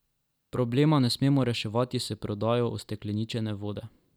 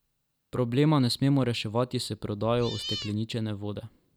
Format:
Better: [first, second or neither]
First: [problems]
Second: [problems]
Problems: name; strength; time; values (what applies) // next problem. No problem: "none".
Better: first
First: none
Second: background sound (Cat); 10 dB below the speech